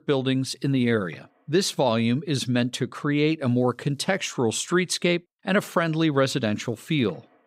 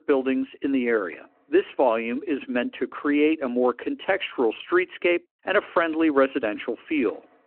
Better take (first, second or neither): first